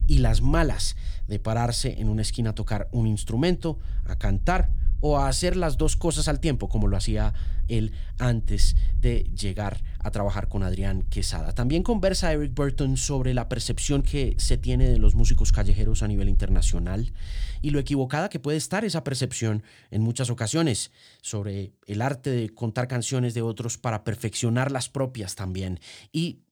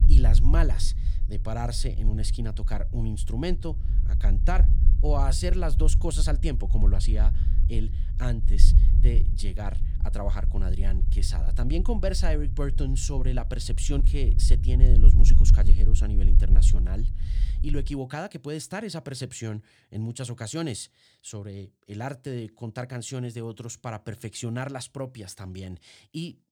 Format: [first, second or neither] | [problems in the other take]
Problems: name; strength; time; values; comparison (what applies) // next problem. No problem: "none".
first | low rumble; loud; until 18 s; 9 dB below the speech; faint in the first